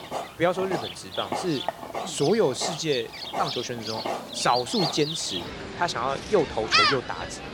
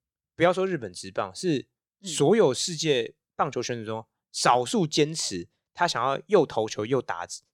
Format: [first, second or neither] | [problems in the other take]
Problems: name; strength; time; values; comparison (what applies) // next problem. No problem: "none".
second | animal sounds; loud; throughout; 2 dB below the speech